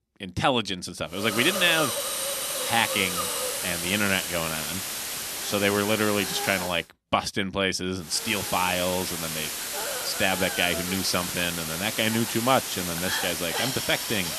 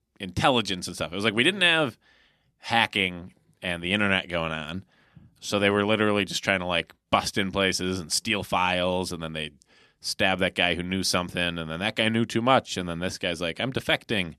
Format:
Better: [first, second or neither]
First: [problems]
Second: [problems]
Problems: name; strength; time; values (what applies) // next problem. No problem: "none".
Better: second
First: hiss; loud; from 1 to 6.5 s and from 8 s on; 2 dB below the speech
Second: none